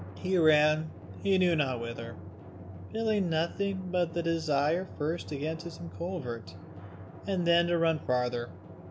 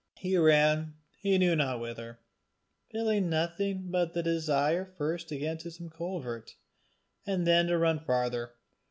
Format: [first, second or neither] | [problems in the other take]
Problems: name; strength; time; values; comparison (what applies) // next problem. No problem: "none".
second | background sound (Drum); 13 dB below the speech